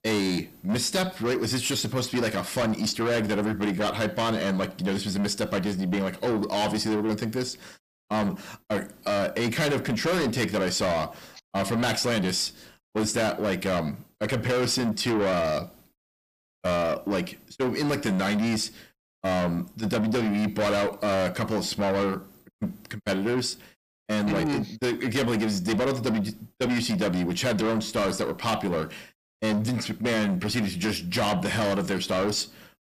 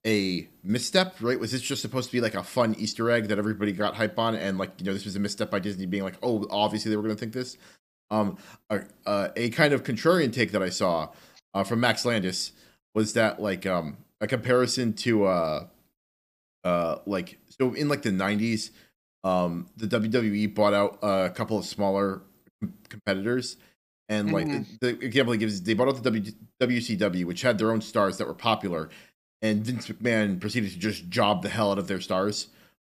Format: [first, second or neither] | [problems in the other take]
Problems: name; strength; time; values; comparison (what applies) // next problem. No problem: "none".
second | distortion; heavy; 6 dB below the speech